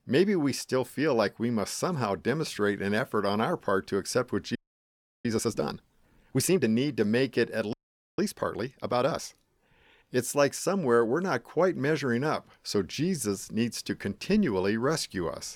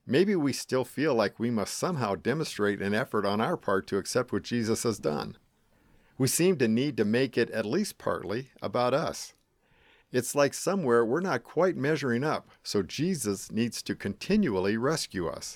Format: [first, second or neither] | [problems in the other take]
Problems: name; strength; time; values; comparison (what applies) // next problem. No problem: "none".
second | audio freezing; at 4.5 s for 0.5 s and at 7.5 s